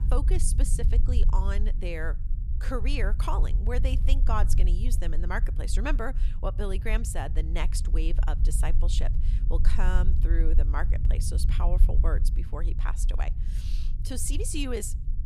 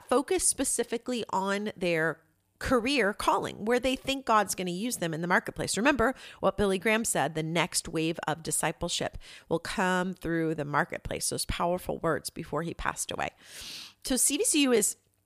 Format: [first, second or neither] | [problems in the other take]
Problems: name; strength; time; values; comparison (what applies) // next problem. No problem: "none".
second | low rumble; noticeable; throughout; 10 dB below the speech